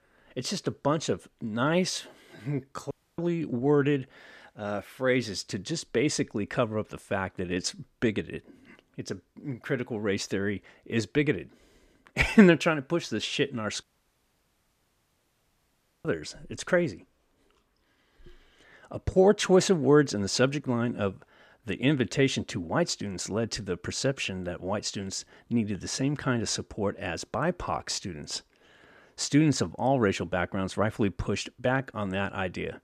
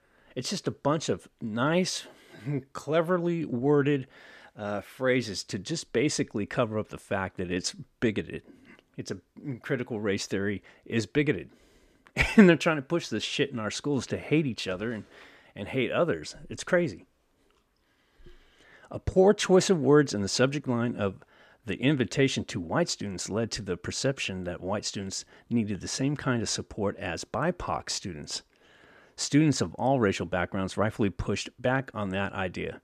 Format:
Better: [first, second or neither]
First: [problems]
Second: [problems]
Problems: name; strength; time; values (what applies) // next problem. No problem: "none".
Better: second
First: audio cutting out; at 3 s and at 14 s for 2 s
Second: none